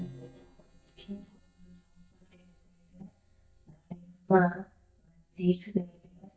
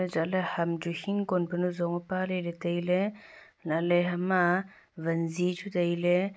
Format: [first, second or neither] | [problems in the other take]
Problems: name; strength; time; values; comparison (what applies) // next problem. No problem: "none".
second | noise reduction (neural mask model DeepFilterNet 3)